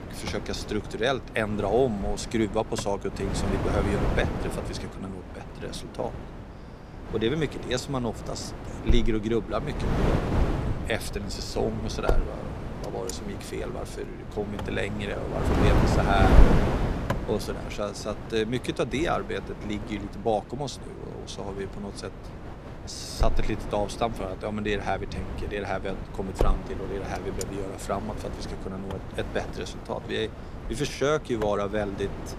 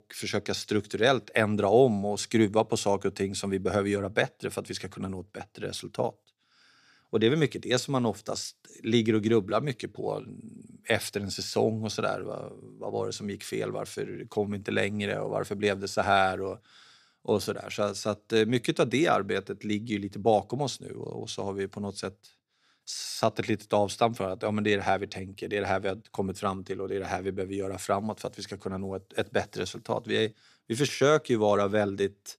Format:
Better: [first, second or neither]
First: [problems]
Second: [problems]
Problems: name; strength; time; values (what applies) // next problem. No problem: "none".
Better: second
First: wind noise on the microphone; heavy; 5 dB below the speech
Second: none